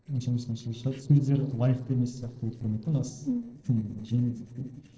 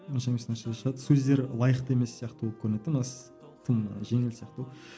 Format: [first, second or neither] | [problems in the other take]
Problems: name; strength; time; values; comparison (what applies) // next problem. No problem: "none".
second | noise reduction (neural separator model SepFormer DNS4)